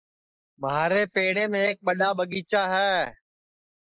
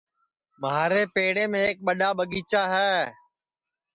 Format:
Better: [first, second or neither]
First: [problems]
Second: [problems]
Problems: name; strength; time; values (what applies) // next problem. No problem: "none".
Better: second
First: noise reduction (neural mask model Resemble Enhance denoiser)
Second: none